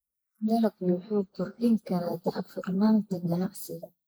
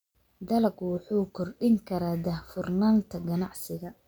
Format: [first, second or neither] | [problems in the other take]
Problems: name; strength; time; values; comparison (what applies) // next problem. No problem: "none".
second | noise reduction (neural mask model Resemble Enhance denoiser)